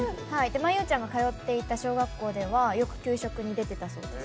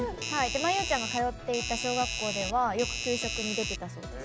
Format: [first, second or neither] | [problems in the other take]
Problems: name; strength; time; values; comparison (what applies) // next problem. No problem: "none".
first | background sound (Doorbell); 4 dB below the speech